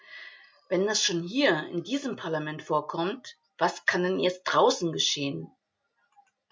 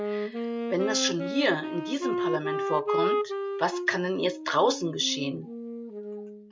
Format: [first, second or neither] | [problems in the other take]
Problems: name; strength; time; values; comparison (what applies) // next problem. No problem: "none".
first | background sound (Wind instrument, woodwind instrument); 2 dB below the speech